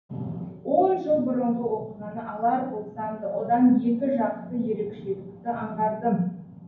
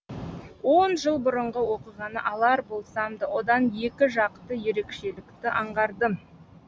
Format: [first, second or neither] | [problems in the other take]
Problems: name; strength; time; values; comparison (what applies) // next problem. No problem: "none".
second | room echo; dies away in 0.9 s